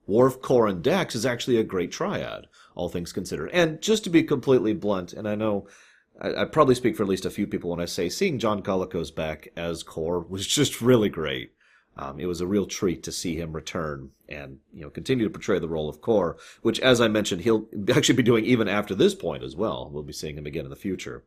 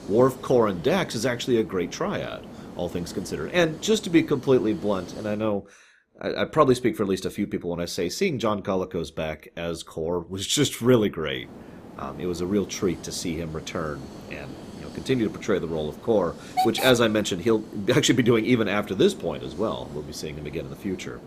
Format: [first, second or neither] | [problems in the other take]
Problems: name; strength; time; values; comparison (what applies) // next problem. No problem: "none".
first | hiss; noticeable; until 5.5 s and from 11 s on; 15 dB below the speech